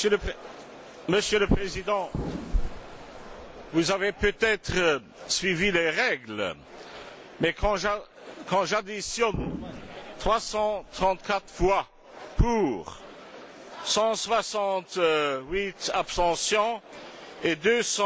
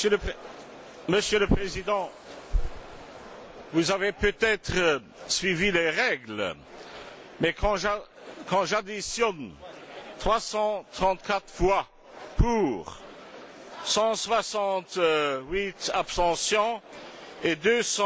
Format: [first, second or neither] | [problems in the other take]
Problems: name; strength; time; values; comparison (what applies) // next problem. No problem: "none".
second | background sound (Explosion); 12 dB below the speech